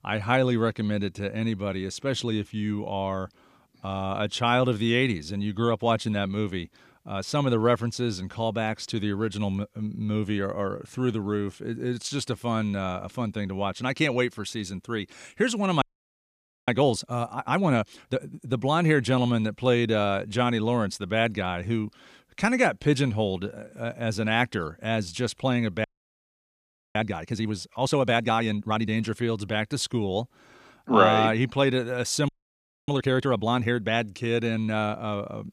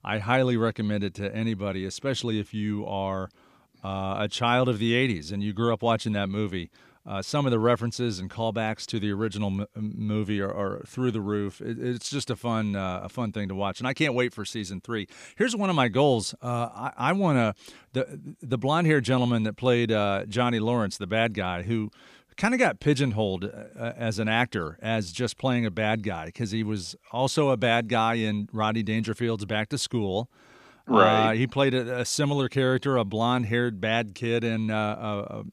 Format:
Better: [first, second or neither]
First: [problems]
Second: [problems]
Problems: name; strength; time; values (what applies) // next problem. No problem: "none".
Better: second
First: audio freezing; at 16 s for 1 s, at 26 s for 1 s and at 32 s for 0.5 s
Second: none